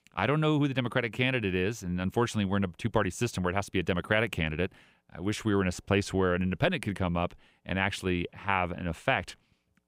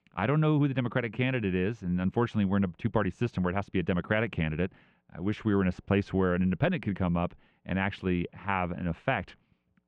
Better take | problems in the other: first | muffled; slightly; fading above 2.5 kHz

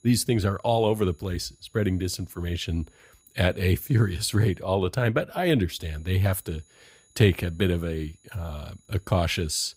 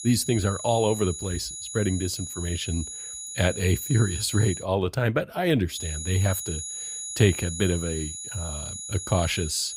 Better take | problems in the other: first | high-pitched whine; loud; until 4.5 s and from 5.5 s on; 7 kHz, 7 dB below the speech; faint in the first

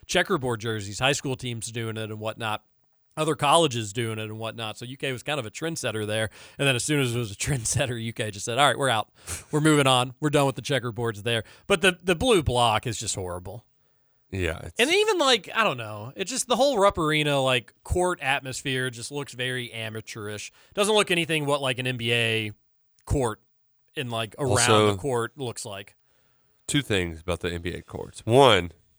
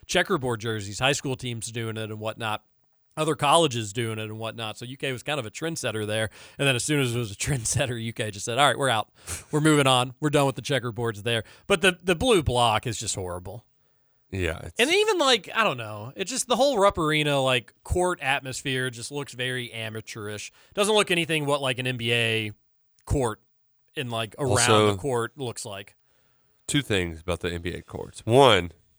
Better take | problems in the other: neither | none

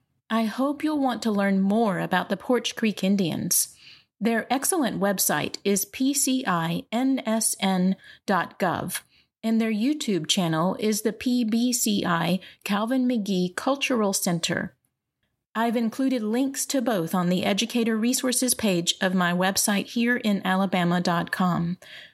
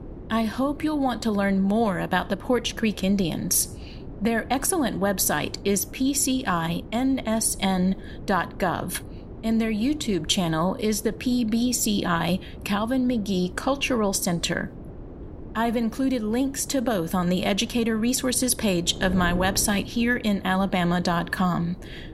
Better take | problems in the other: first | wind noise on the microphone; occasional gusts; 20 dB below the speech

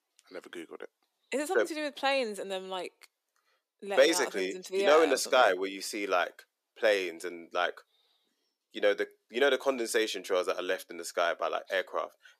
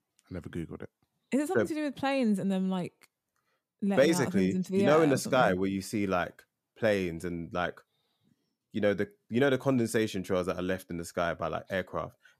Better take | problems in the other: second | thin; very; fading below 350 Hz

